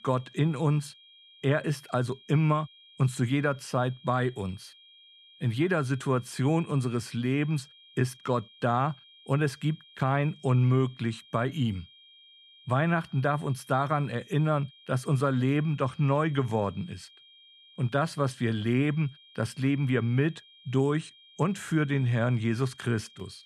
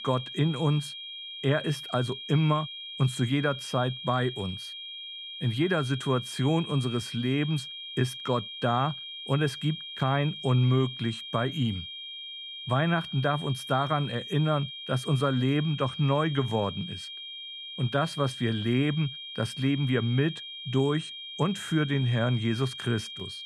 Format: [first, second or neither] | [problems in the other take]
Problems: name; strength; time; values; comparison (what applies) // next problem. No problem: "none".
first | high-pitched whine; loud; throughout; 3 kHz, 9 dB below the speech; faint in the first